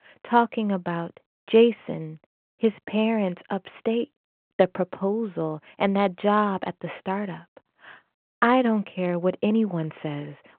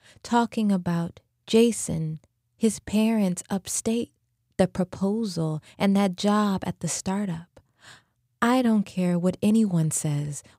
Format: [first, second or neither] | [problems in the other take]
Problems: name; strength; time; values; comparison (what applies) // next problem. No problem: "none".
second | phone-call audio